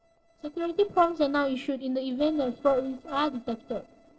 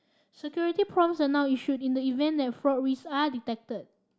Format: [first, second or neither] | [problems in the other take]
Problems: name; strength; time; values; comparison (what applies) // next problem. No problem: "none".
second | noise reduction (neural separator model SepFormer DNS4)